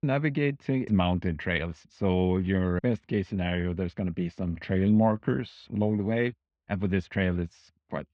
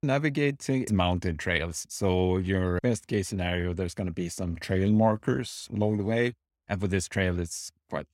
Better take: second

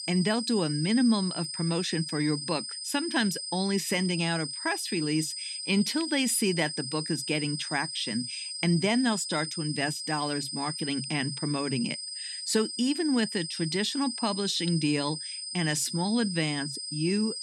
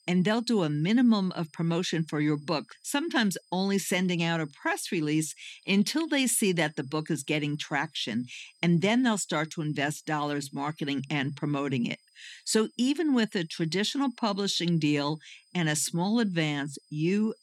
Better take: second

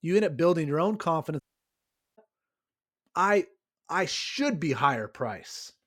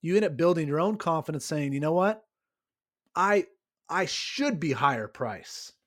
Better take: second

